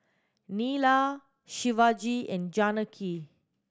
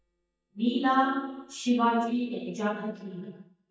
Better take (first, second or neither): first